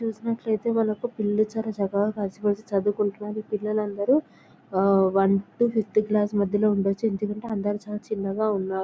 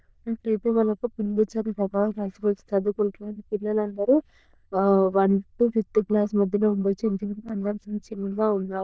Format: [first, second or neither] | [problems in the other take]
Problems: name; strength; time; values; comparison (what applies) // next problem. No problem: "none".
first | noise reduction (neural diffusion model UNIVERSE++)